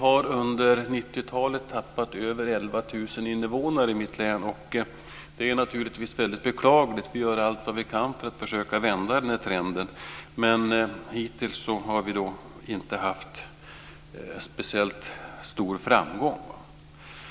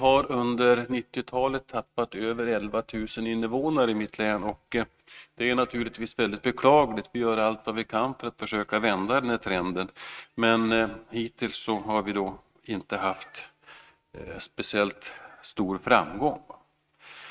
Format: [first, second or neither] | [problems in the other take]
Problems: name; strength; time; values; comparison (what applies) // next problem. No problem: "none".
first | noise reduction (neural mask model RNNoise)